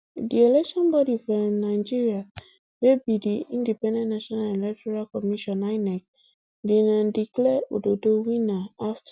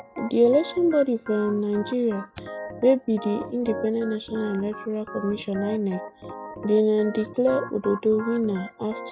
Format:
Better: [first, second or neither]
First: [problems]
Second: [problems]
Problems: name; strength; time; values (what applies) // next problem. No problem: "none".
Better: first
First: none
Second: background sound (Organ); 13 dB below the speech